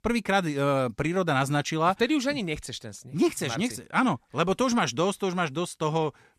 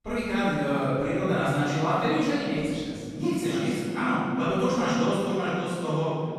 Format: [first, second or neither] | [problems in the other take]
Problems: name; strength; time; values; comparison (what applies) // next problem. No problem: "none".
first | off-mic speech; far // room echo; strong; dies away in 2.2 s